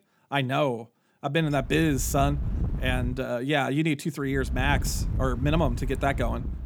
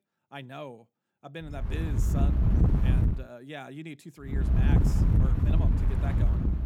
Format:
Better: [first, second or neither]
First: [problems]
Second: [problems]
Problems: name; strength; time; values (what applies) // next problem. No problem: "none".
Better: first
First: wind noise on the microphone; occasional gusts; from 1.5 to 3 s and from 4.5 s on; 15 dB below the speech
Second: wind noise on the microphone; heavy; from 1.5 to 3 s and from 4.5 s on; 5 dB above the speech